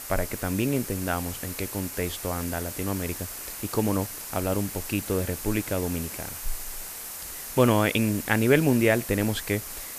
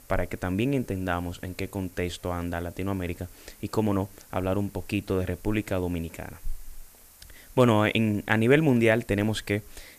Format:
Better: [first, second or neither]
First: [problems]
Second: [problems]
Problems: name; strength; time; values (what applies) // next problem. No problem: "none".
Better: second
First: hiss; loud; throughout; 8 dB below the speech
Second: hiss; faint; throughout; 25 dB below the speech